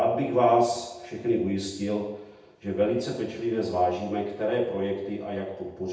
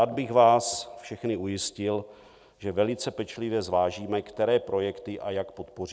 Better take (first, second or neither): second